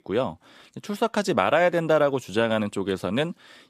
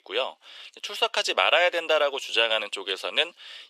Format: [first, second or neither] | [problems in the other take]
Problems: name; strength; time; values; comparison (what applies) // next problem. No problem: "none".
first | thin; very; fading below 450 Hz